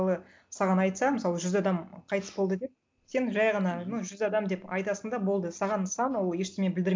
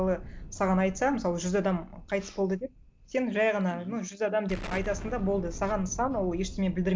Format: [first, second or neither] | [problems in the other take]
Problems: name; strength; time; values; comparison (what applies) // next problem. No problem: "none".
first | background sound (Explosion); 12 dB below the speech